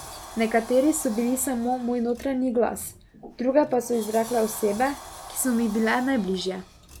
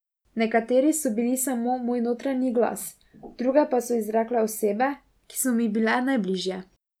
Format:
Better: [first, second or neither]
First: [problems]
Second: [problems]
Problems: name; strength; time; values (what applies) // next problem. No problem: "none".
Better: second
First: background sound (Sliding door); 17 dB below the speech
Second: none